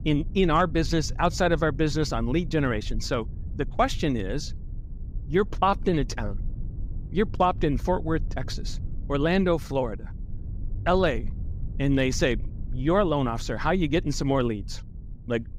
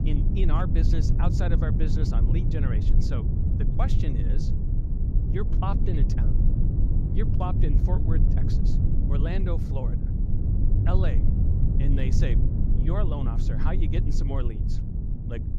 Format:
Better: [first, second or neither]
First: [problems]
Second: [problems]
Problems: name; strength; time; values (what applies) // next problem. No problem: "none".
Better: first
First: low rumble; faint; throughout; 25 dB below the speech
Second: low rumble; loud; throughout; 2 dB below the speech